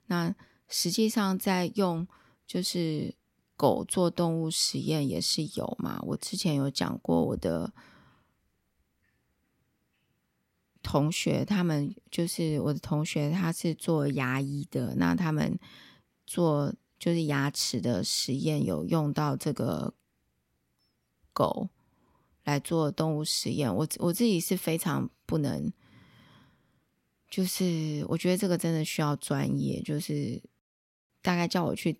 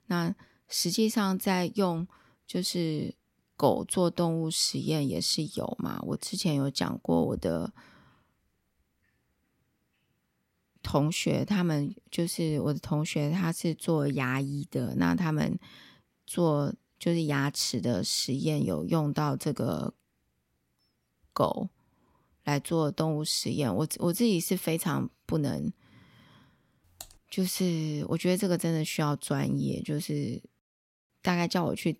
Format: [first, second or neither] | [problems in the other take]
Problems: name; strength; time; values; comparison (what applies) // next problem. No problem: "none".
first | keyboard typing; faint; at 27 s; peak 20 dB below the speech